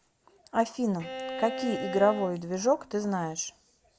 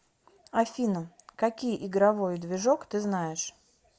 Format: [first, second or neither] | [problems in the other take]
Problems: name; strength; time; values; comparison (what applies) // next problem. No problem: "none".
second | background sound (Bowed string instrument); 8 dB below the speech